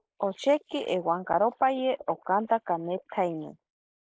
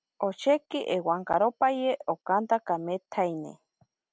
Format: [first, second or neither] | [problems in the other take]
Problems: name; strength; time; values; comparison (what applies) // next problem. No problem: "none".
second | noise reduction (neural mask model Resemble Enhance denoiser)